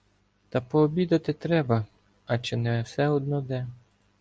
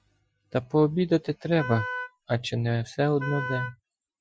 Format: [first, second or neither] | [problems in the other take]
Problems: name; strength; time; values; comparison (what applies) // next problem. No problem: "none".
first | noise reduction (classical method Wiener filter)